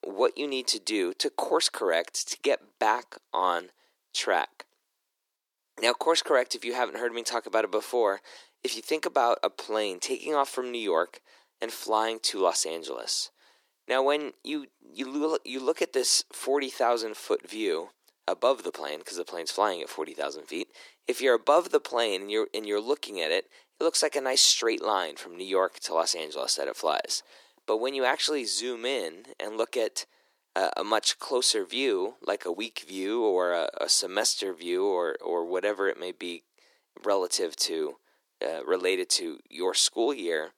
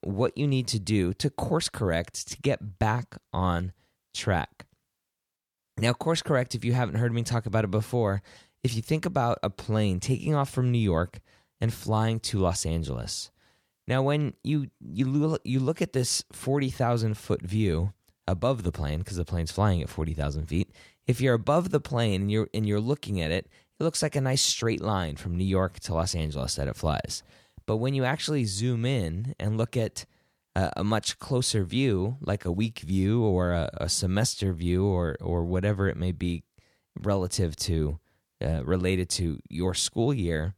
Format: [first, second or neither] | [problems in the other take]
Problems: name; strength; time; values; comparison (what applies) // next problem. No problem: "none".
second | thin; very; fading below 350 Hz